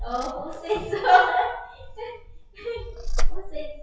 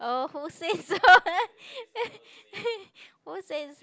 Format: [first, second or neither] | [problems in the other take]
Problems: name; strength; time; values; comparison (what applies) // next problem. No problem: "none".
second | noise reduction (classical method WPE with log-MMSE)